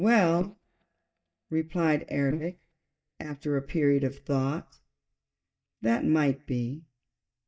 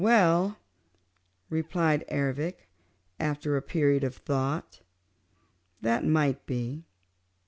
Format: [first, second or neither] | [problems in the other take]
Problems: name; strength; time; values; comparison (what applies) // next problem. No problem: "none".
second | noise reduction (neural mask model DeepFilterNet 3)